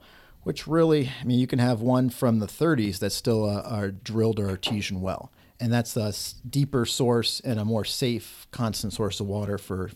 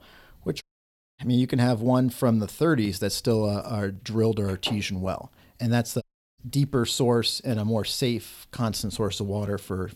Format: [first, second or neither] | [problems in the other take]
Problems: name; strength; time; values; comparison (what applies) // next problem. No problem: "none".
first | audio cutting out; at 0.5 s for 0.5 s and at 6 s